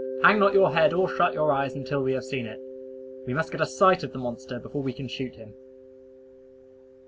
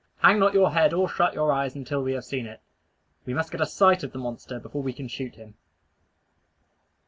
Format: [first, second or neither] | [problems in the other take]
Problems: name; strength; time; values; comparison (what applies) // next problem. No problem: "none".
second | background sound (Mallet percussion); 11 dB below the speech